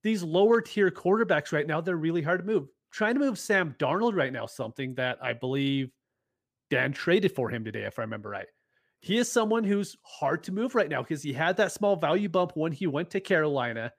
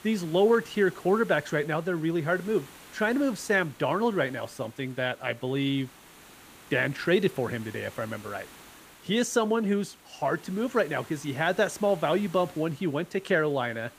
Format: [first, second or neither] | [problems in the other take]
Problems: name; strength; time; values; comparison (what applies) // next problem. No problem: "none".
first | hiss; faint; throughout; 20 dB below the speech